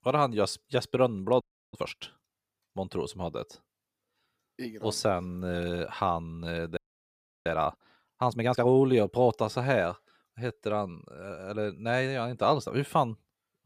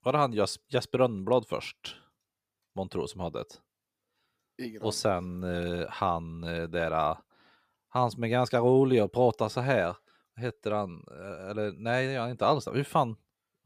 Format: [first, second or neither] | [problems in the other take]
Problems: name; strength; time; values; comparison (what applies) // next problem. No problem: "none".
second | audio freezing; at 1.5 s and at 7 s for 0.5 s